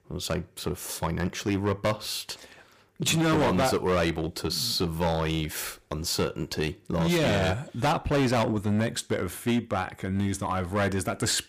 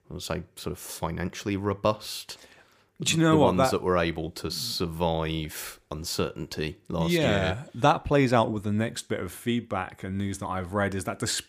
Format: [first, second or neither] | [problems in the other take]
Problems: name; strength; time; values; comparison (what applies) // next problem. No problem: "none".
second | distortion; heavy; 10% of the sound clipped